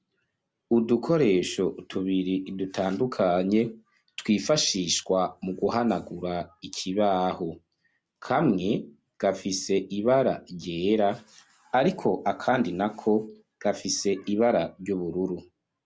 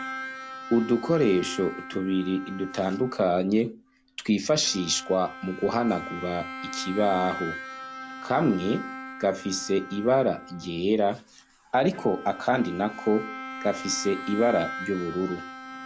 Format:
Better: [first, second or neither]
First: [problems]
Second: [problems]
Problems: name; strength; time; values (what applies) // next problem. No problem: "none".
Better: first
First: none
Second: background sound (Bowed string instrument); 12 dB below the speech